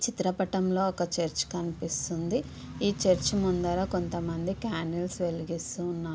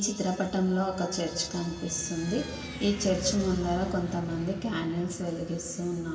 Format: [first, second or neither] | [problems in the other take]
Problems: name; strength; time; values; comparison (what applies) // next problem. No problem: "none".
first | background sound (Vehicle); 19 dB below the speech // room echo; dies away in 2.2 s